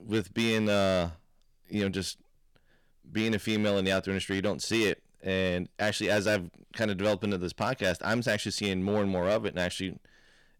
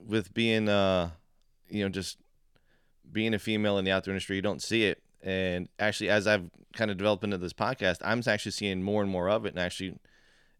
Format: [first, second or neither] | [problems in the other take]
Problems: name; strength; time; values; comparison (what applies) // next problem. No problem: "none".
second | distortion; slight; 6% of the sound clipped